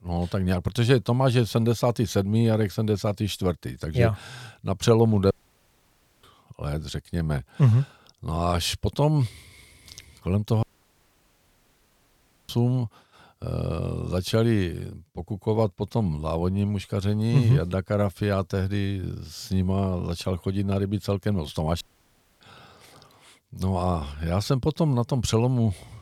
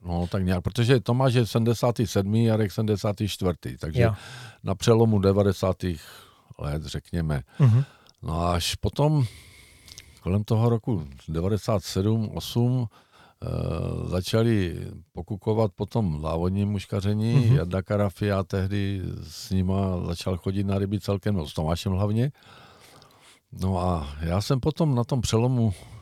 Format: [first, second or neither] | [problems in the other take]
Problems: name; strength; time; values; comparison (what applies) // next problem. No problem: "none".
second | audio cutting out; at 5.5 s for 1 s, at 11 s for 2 s and at 22 s for 0.5 s